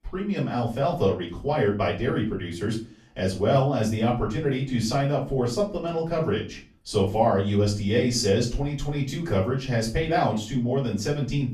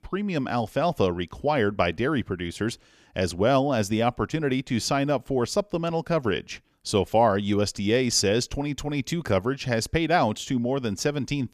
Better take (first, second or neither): second